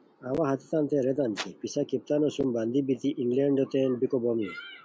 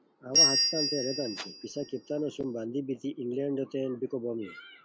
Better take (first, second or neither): first